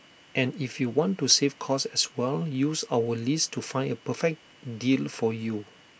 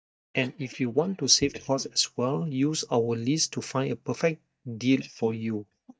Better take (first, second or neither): first